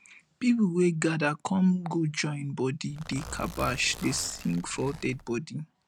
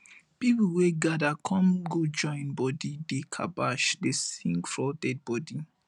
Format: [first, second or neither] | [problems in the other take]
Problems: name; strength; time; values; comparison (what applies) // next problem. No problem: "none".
second | background sound (Zipper (clothing)); 14 dB below the speech